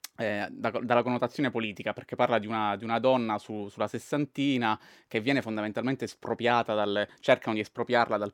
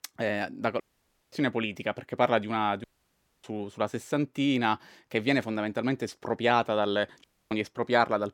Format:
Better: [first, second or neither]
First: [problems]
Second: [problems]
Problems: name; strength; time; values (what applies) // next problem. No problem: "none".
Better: first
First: none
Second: audio cutting out; at 1 s for 0.5 s, at 3 s for 0.5 s and at 7 s